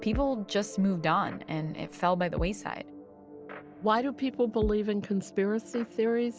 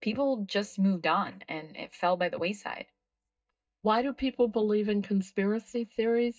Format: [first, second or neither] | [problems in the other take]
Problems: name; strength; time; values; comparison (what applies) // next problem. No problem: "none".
first | noise reduction (neural mask model DeepFilterNet 3)